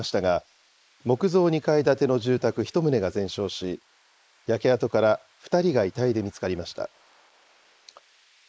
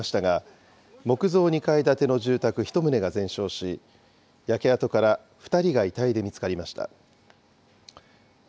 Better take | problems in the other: second | noise reduction (neural mask model Resemble Enhance denoiser)

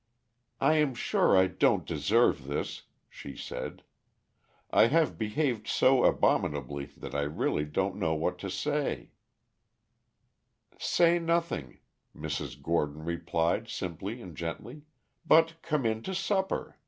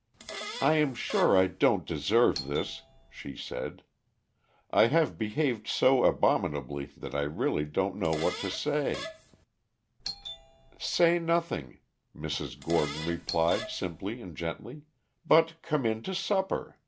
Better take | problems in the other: first | background sound (Fart + Doorbell); 12 dB below the speech

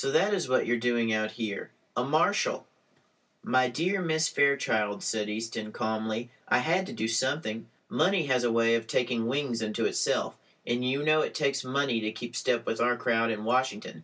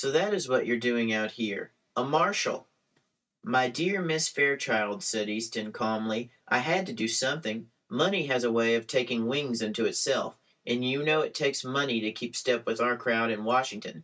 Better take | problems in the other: first | noise reduction (neural mask model RNNoise)

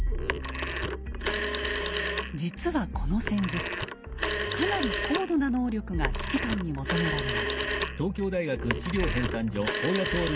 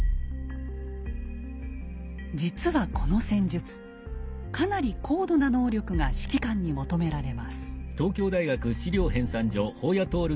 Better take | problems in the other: second | background sound (Telephone); 3 dB below the speech

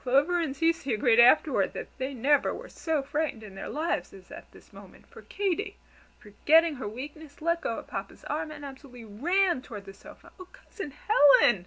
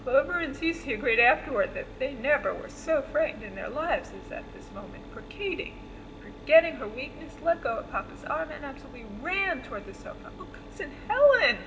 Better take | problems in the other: first | background sound (Mechanisms); 15 dB below the speech // room echo; dies away in 2.7 s

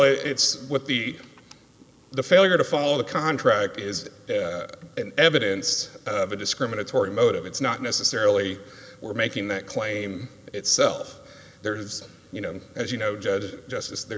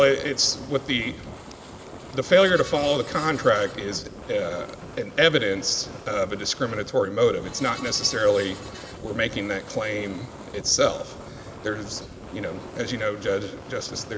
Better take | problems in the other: first | background sound (Fire + Screech); 15 dB below the speech

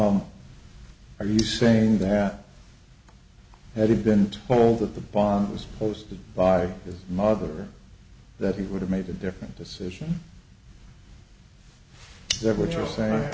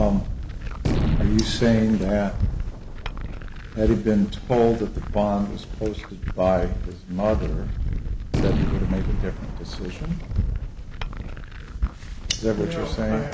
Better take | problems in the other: first | background sound (Glass + Gunshot, gunfire); 1 dB below the speech

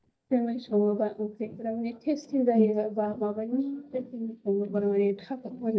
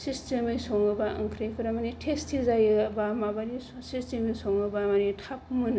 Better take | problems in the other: second | noise reduction (neural mask model DeepFilterNet 3)

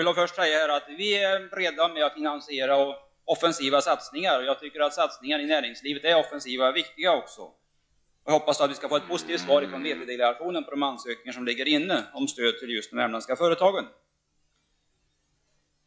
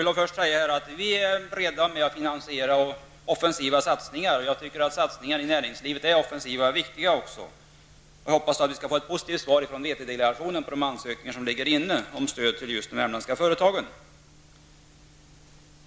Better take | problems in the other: second | noise reduction (classical method log-MMSE)

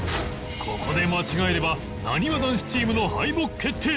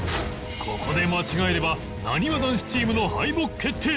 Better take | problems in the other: second | background sound (Bowed string instrument); 19 dB below the speech

